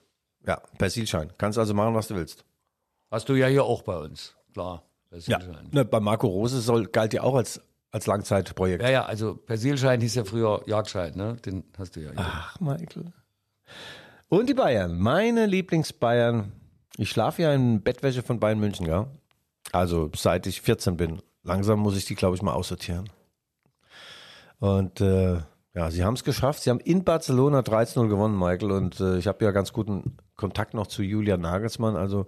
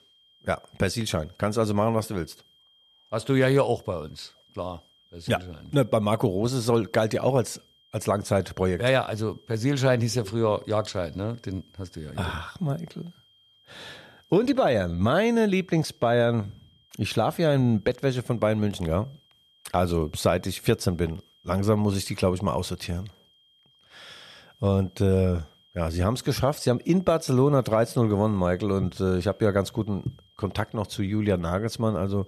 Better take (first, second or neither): first